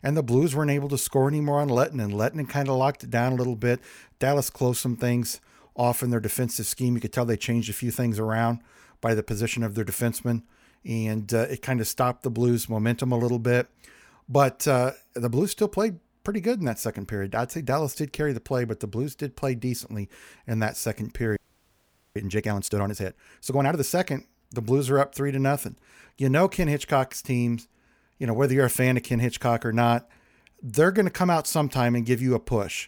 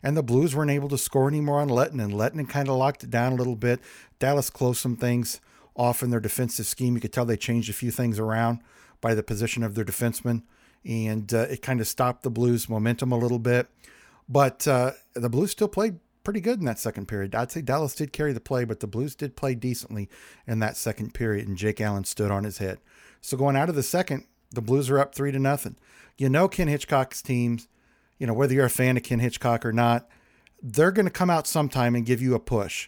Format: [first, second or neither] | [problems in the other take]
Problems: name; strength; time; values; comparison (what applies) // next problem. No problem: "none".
second | audio freezing; at 21 s for 1 s